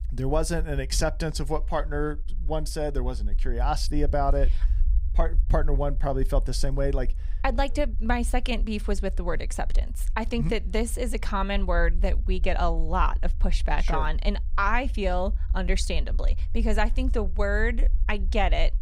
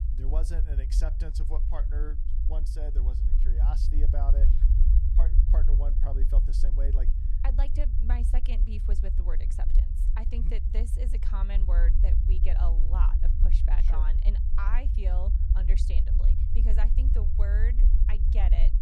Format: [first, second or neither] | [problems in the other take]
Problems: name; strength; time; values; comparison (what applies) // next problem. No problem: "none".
first | low rumble; loud; throughout; 4 dB below the speech; faint in the first